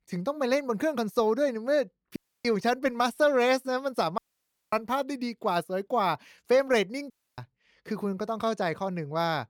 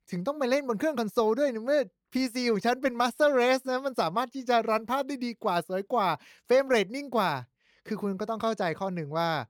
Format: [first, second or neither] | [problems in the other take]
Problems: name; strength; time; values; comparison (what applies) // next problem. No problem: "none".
second | audio cutting out; at 2 s, at 4 s for 0.5 s and at 7 s